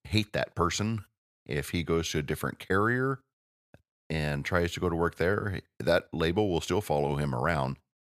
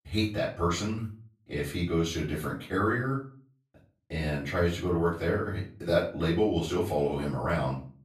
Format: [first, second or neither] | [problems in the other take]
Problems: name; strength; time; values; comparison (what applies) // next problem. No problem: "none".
first | off-mic speech; far // room echo; slight; dies away in 0.3 s